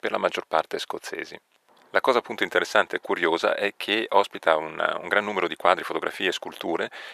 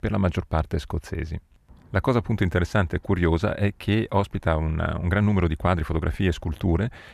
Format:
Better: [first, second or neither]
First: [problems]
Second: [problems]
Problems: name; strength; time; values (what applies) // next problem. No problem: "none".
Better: second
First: thin; very; fading below 450 Hz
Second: none